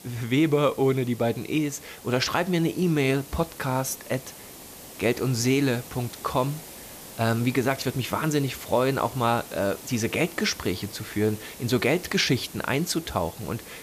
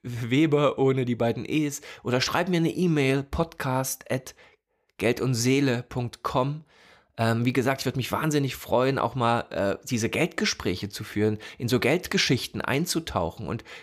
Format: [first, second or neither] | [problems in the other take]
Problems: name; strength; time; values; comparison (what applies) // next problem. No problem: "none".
second | hiss; noticeable; throughout; 15 dB below the speech